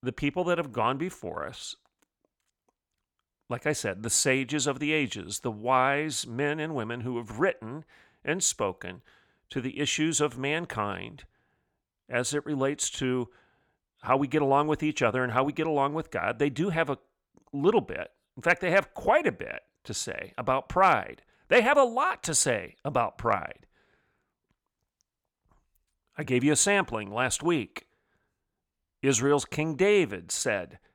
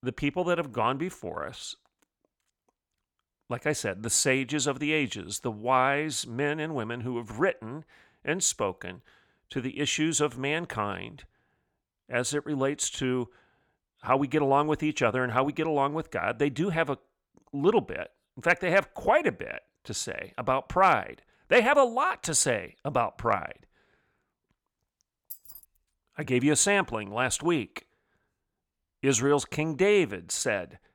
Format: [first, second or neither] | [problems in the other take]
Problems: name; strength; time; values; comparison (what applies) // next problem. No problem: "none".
first | jangling keys; faint; at 25 s; peak 15 dB below the speech